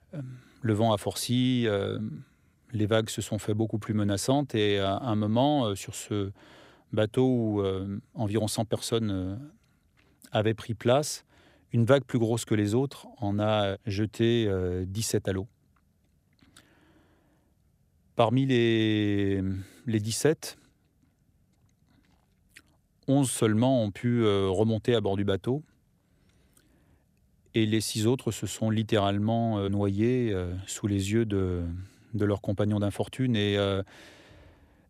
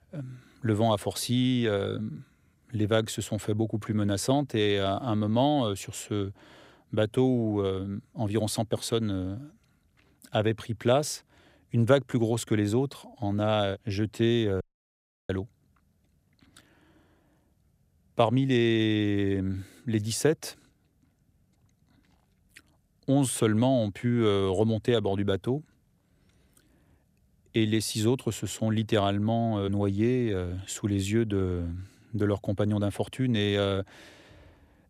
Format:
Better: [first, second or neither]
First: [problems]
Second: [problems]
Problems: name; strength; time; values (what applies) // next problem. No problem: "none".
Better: first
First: none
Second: audio cutting out; at 15 s for 0.5 s